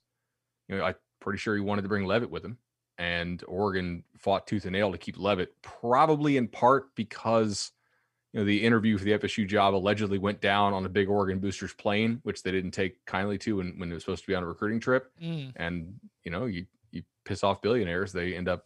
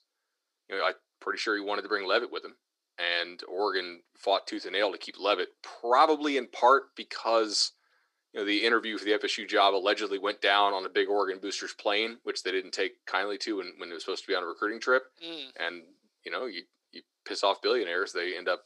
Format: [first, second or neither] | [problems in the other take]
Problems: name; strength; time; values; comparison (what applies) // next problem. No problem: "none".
first | thin; very; fading below 300 Hz